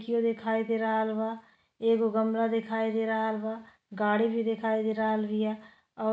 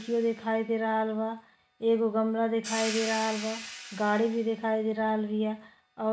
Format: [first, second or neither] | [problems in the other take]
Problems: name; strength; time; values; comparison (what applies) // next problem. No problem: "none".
first | background sound (Hi-hat); 14 dB below the speech